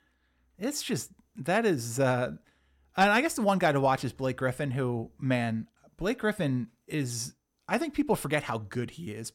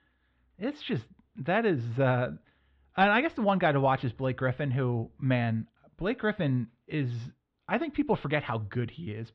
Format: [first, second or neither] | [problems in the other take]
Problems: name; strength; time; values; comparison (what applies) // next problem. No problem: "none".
first | muffled; very; fading above 3.5 kHz